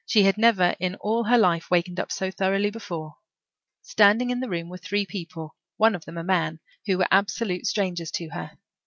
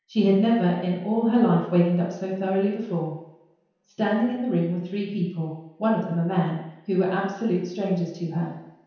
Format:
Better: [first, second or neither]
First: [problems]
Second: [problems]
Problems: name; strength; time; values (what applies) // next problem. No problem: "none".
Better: first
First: none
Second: room echo; dies away in 0.9 s